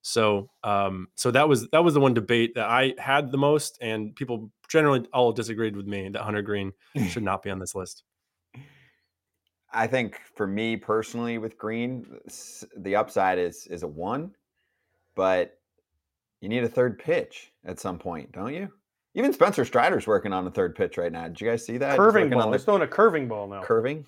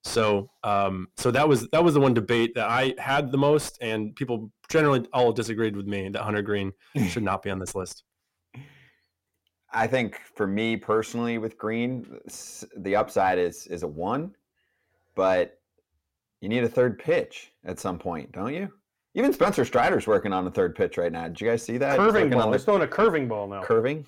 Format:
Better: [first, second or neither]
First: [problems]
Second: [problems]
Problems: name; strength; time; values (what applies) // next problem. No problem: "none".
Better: first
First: none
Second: distortion; slight; 10 dB below the speech